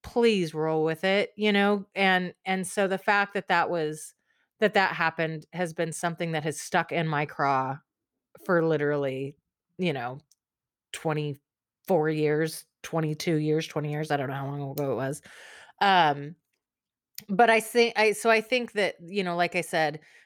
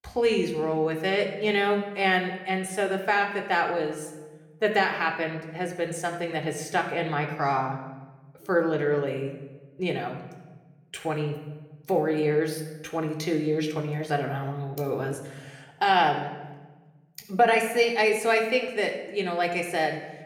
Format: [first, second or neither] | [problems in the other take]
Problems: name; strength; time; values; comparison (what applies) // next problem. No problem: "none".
first | room echo; slight; dies away in 0.9 s // off-mic speech; somewhat distant